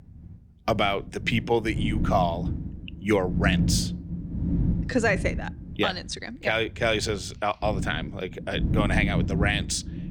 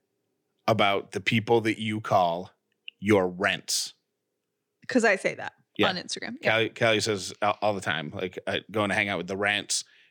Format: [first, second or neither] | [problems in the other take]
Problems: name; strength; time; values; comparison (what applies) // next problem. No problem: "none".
second | wind noise on the microphone; occasional gusts; 10 dB below the speech